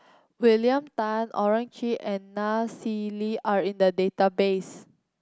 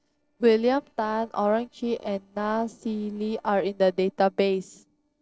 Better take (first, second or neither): first